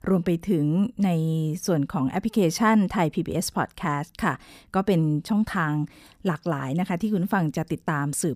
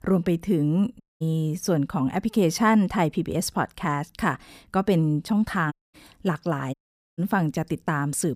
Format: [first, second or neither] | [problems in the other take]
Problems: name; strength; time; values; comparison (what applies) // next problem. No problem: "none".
first | audio cutting out; at 1 s, at 5.5 s and at 6.5 s